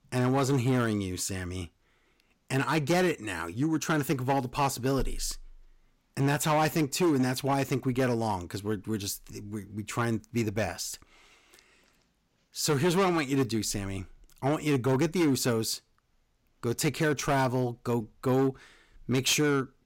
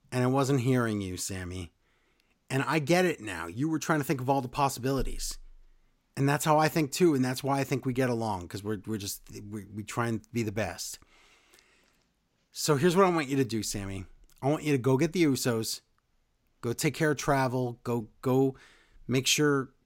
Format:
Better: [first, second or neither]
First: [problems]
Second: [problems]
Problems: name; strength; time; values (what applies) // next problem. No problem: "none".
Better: second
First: distortion; slight; 7% of the sound clipped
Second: none